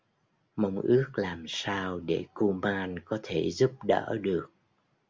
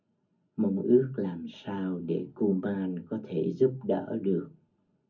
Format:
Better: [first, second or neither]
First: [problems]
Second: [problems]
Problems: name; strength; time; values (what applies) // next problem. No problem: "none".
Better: first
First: none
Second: room echo; dies away in 0.4 s